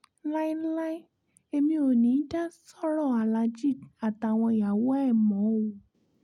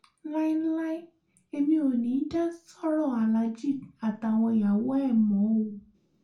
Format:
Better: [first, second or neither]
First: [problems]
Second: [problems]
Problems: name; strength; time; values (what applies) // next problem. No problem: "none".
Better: first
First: none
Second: room echo; dies away in 0.3 s